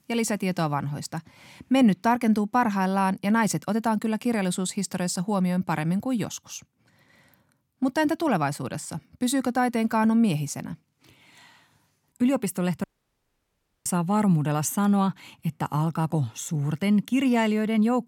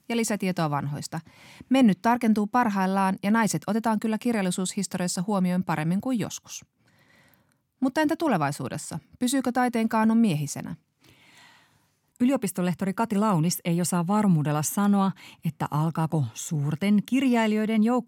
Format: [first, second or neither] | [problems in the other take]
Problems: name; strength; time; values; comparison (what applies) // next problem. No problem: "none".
second | audio cutting out; at 13 s for 1 s